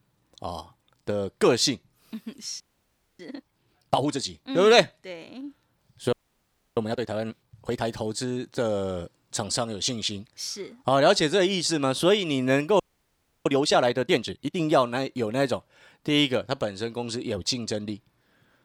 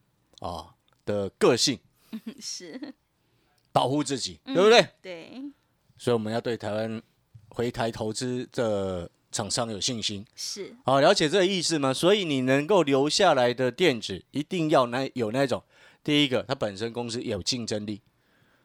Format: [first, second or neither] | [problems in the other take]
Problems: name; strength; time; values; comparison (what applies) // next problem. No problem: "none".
second | audio freezing; at 2.5 s for 0.5 s, at 6 s for 0.5 s and at 13 s for 0.5 s